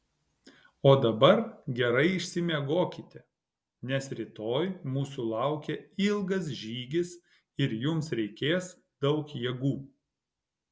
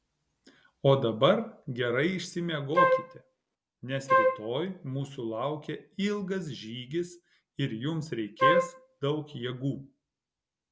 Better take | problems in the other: first | background sound (Wind instrument, woodwind instrument); 5 dB above the speech

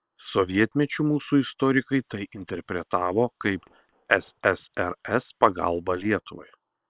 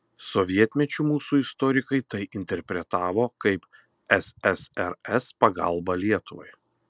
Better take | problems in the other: second | noise reduction (neural separator model SepFormer WHAM!)

